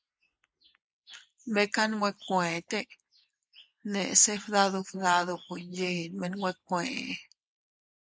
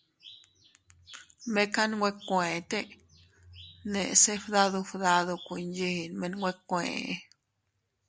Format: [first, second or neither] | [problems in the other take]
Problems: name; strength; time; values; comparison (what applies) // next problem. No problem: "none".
second | noise reduction (neural mask model Resemble Enhance denoiser)